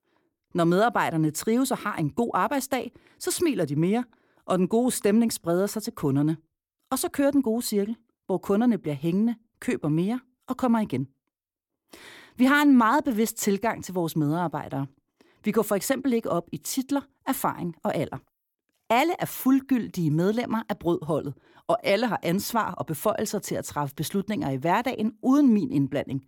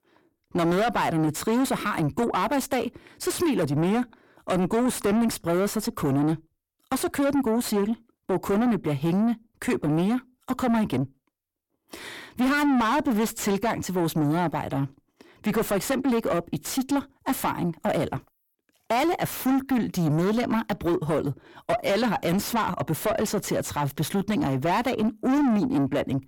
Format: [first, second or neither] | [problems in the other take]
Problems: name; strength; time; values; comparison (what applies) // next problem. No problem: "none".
first | distortion; heavy; 7 dB below the speech